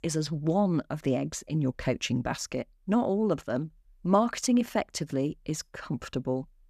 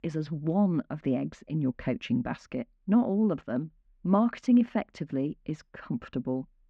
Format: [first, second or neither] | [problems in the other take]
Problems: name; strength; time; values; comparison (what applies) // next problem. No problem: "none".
first | muffled; slightly; fading above 2.5 kHz